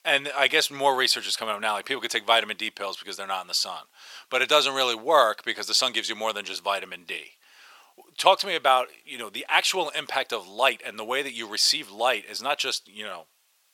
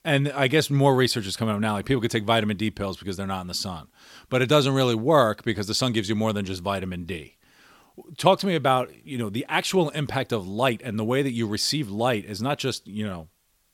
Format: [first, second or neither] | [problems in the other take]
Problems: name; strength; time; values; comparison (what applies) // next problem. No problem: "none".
second | thin; very; fading below 750 Hz